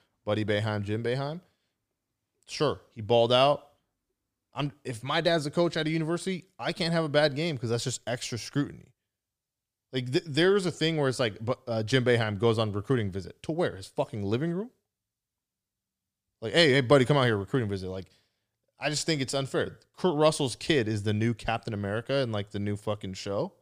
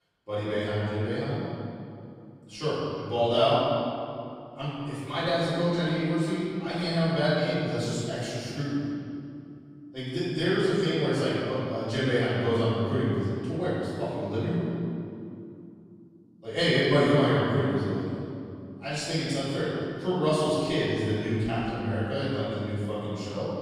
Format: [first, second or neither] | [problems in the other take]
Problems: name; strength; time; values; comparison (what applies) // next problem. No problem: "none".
first | off-mic speech; far // room echo; strong; dies away in 2.5 s